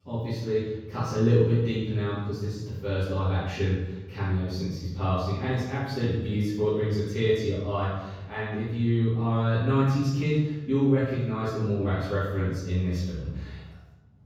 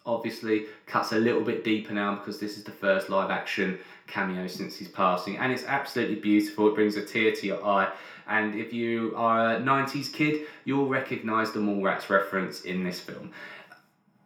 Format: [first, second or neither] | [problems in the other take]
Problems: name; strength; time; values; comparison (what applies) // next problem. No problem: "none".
second | room echo; strong; dies away in 1.4 s; slight in the second // off-mic speech; far; far in the second